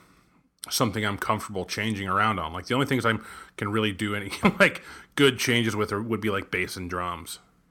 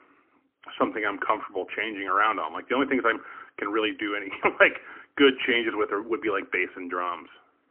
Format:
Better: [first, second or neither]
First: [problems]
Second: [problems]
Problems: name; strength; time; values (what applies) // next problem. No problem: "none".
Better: first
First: none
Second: phone-call audio; poor line; nothing above 3 kHz